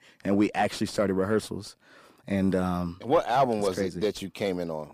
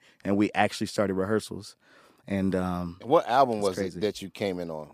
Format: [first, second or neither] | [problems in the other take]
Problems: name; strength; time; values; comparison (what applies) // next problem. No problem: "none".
second | distortion; slight; 10 dB below the speech